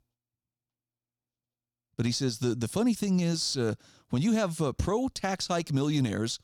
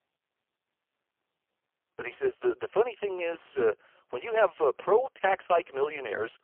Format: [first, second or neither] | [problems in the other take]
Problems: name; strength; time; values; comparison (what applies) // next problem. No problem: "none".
first | phone-call audio; poor line; nothing above 3 kHz